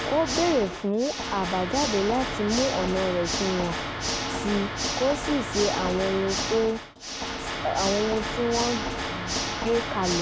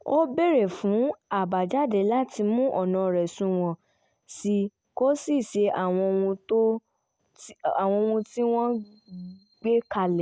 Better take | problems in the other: second | background sound (Water / Mechanisms); 3 dB below the speech

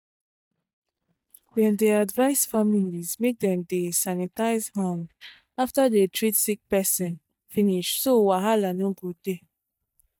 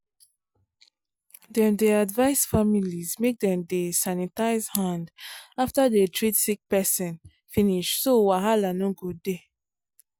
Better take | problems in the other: second | noise reduction (neural mask model DeepFilterNet 3)

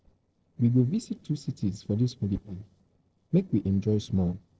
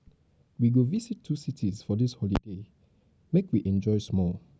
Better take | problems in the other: second | noise reduction (neural separator model SepFormer DNS4)

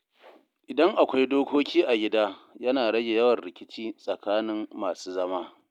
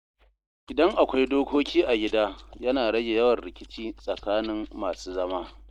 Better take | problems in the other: first | noise reduction (neural mask model DeepFilterNet 3)

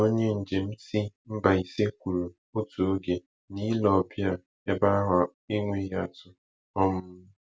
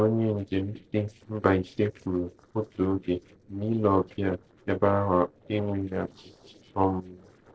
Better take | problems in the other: first | noise reduction (neural separator model SepFormer DNS4)

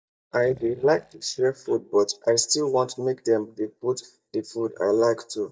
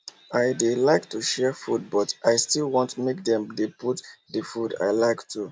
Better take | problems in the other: second | noise reduction (neural mask model DeepFilterNet 3)

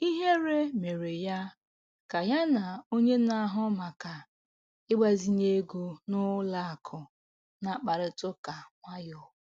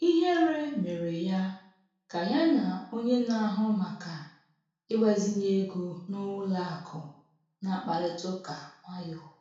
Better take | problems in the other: first | room echo; dies away in 0.5 s

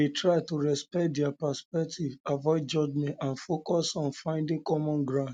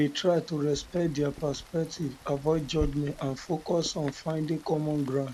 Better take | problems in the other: first | background sound (Rain); 14 dB below the speech

